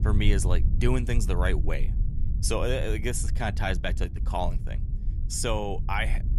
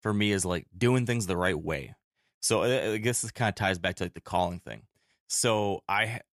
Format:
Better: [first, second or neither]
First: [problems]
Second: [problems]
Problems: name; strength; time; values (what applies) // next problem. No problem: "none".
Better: second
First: low rumble; noticeable; throughout; 15 dB below the speech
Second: none